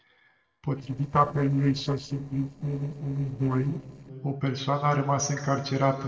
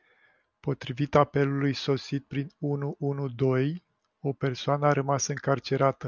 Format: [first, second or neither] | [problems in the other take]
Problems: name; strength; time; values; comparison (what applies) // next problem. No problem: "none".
second | noise reduction (neural separator model SepFormer DNS4)